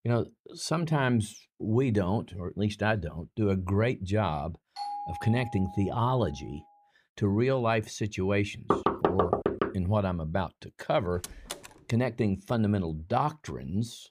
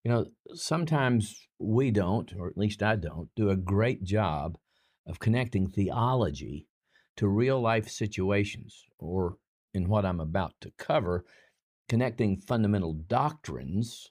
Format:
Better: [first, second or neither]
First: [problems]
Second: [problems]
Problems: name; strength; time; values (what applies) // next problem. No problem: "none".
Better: second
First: doorbell; noticeable; from 5 to 6.5 s; peak 6 dB below the speech // door banging; loud; from 8.5 to 9.5 s; peak 3 dB above the speech // door banging; faint; at 11 s; peak 10 dB below the speech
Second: none